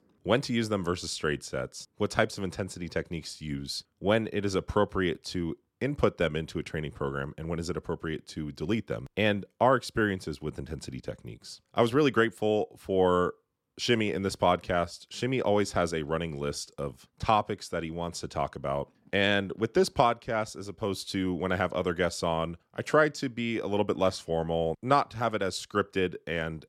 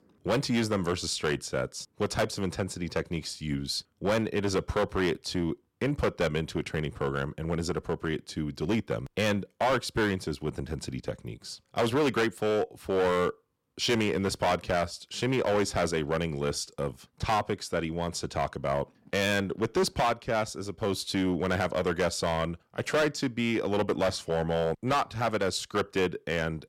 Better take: first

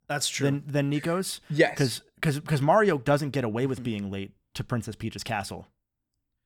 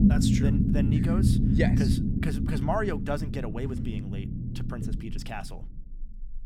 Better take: first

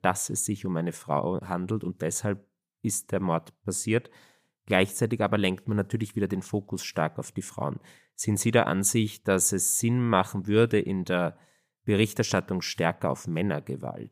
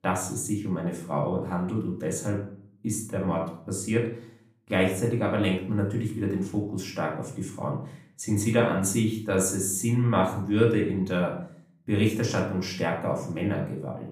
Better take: first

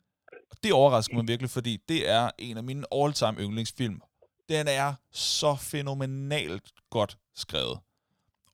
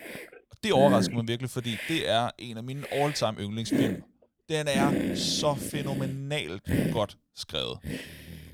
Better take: first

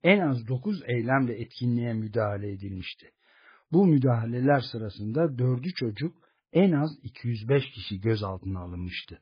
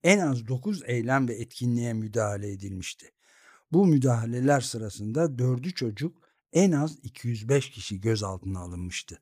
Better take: second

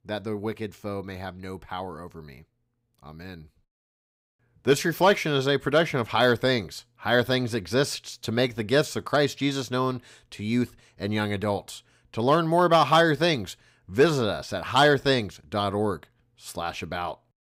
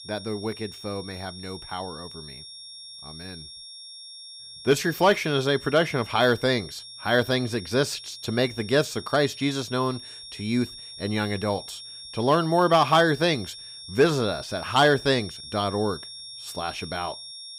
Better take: first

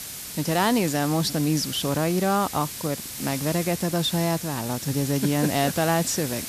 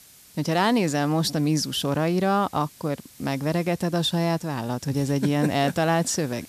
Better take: second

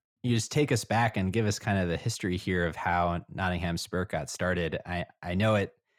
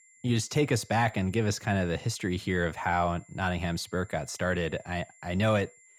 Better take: first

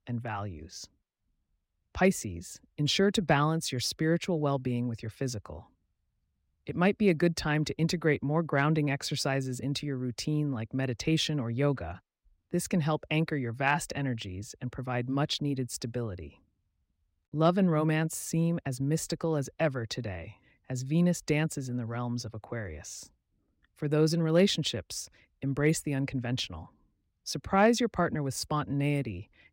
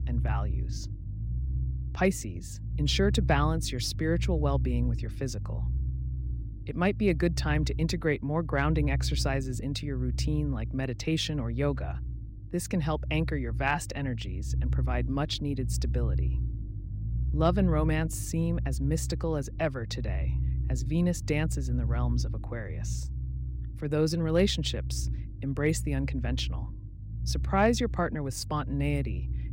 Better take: first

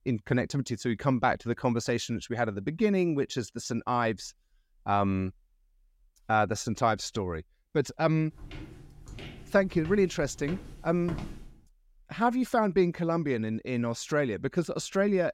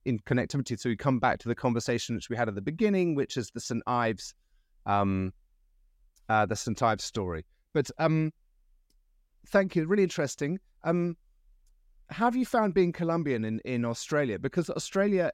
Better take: second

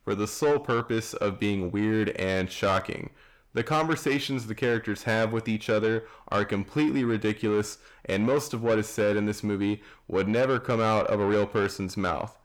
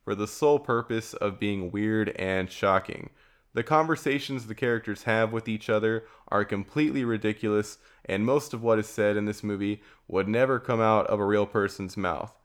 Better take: second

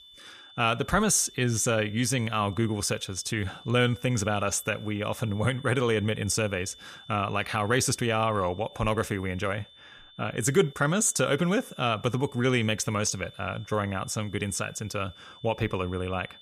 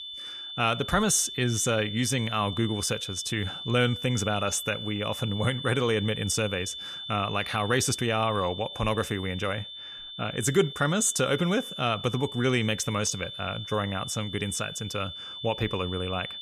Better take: first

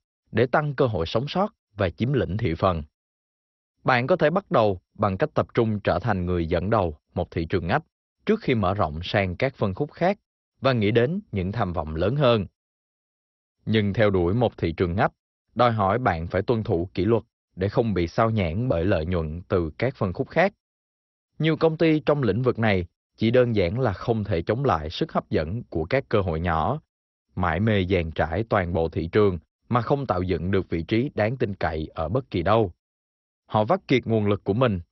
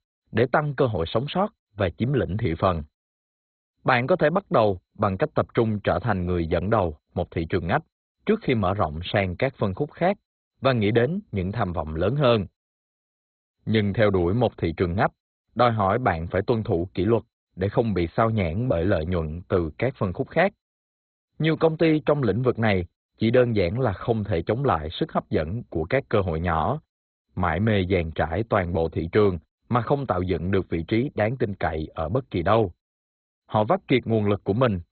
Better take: first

